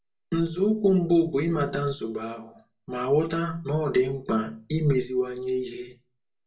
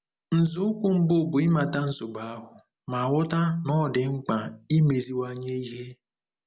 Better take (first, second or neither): second